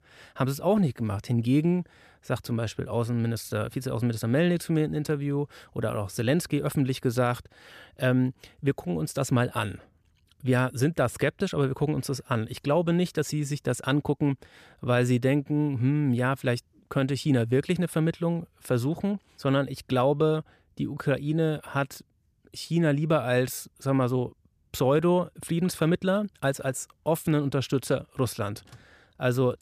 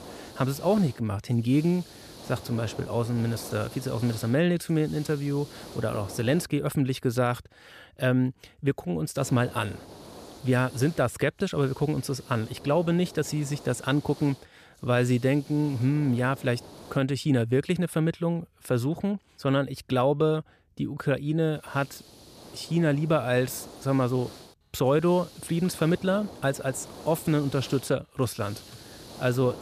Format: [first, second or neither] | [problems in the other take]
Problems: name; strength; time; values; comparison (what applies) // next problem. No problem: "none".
first | hiss; noticeable; until 6.5 s, from 9 to 17 s and from 22 s on; 20 dB below the speech